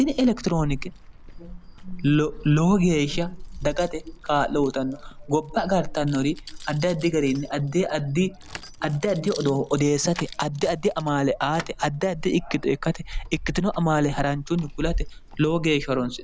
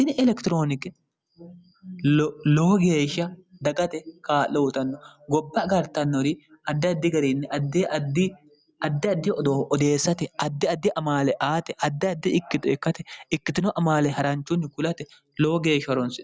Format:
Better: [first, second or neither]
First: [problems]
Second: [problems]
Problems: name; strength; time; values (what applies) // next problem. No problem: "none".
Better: second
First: background sound (Keys jangling); 11 dB below the speech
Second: none